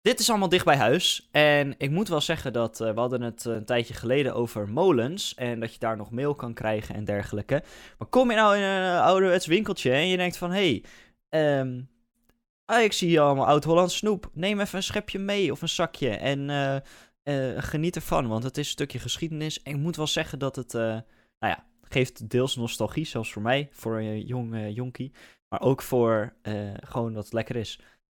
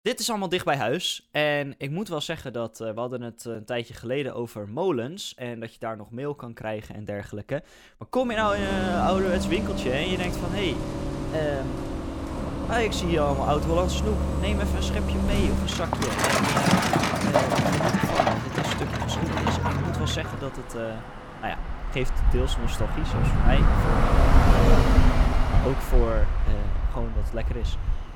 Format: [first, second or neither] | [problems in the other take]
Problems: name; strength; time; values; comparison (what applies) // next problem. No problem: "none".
first | traffic noise; very loud; from 8.5 s on; 4 dB above the speech